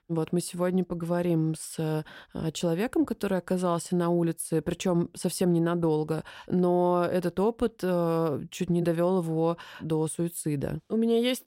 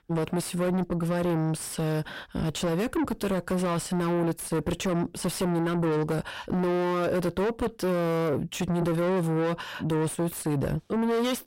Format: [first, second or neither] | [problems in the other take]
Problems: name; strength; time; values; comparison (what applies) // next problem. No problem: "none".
first | distortion; heavy; 5 dB below the speech